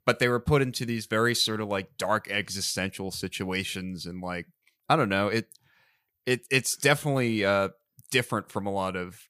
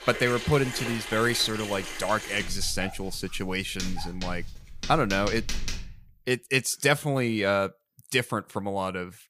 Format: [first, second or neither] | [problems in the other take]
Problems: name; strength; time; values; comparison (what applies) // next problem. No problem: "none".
first | household noises; loud; until 6 s; 8 dB below the speech